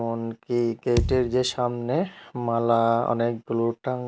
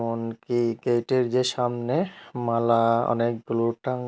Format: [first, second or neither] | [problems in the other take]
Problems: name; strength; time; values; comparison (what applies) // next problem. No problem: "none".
second | background sound (Thump, thud); 6 dB below the speech